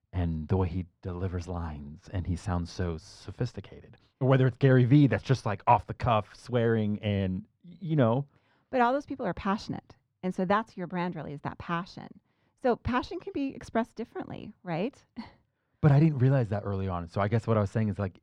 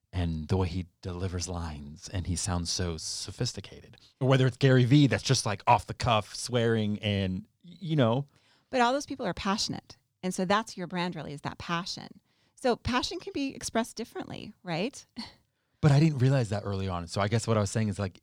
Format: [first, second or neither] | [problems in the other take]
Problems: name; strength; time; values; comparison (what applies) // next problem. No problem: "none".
second | muffled; very; fading above 3.5 kHz